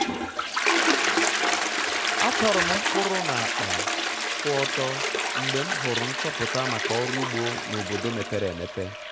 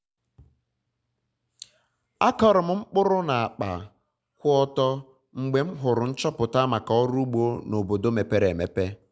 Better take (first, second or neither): second